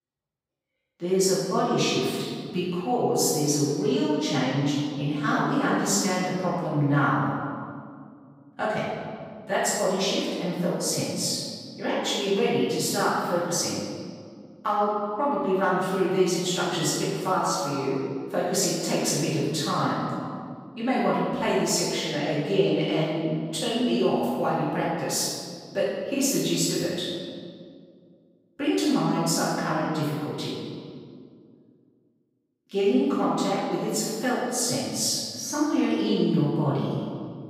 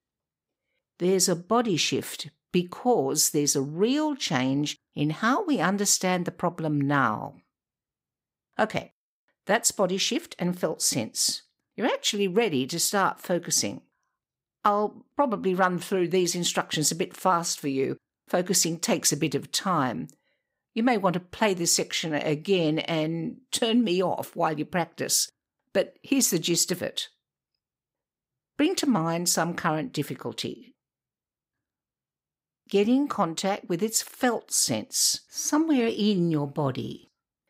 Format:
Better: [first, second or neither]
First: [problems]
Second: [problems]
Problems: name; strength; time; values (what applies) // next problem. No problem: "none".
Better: second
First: room echo; strong; dies away in 1.9 s // off-mic speech; far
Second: none